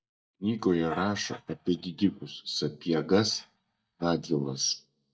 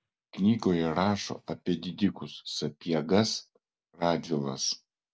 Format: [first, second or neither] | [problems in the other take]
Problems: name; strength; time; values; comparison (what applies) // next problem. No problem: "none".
second | noise reduction (neural mask model DeepFilterNet 3)